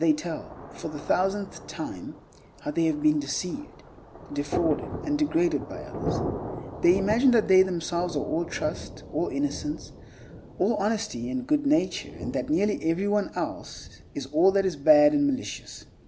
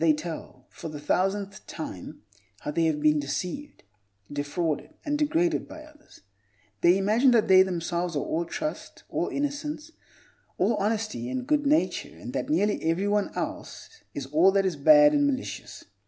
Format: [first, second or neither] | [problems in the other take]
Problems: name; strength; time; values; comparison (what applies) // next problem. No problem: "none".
second | background sound (Thunder); 11 dB below the speech